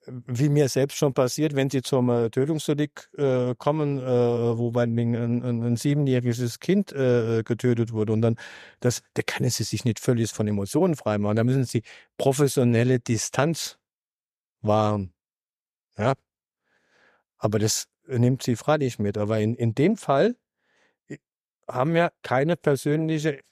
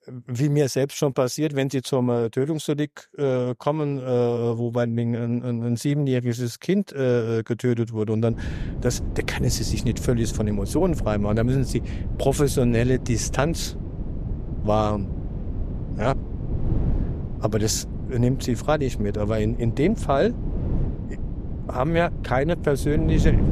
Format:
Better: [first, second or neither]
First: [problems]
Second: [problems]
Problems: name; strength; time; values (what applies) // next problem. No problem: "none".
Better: first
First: none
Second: wind noise on the microphone; occasional gusts; from 8.5 s on; 15 dB below the speech